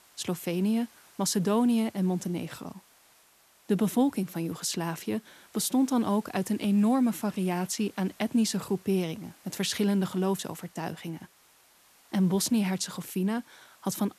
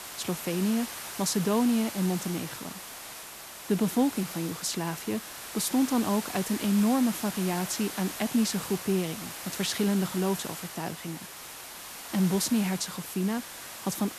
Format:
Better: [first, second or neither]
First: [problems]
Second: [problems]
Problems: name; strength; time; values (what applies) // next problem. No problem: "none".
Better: first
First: hiss; faint; throughout; 25 dB below the speech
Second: hiss; loud; throughout; 9 dB below the speech